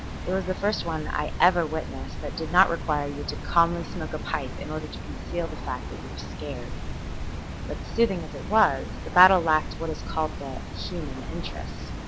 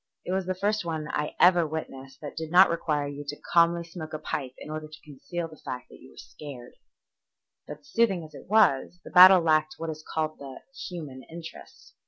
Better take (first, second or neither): second